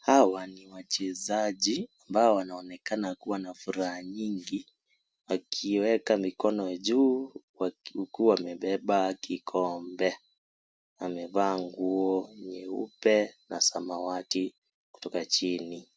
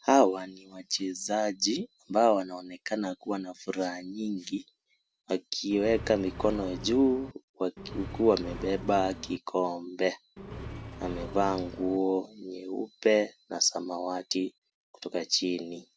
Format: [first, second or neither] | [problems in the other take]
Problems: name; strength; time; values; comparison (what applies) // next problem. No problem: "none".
first | background sound (Accelerating, revving, vroom); 11 dB below the speech